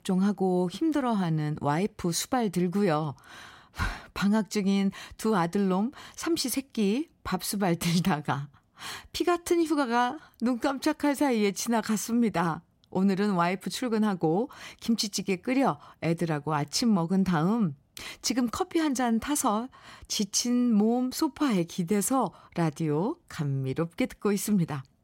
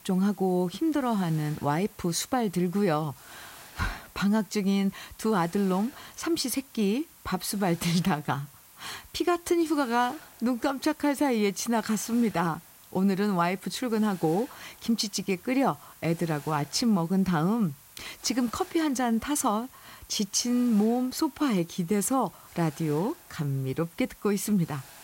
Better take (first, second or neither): first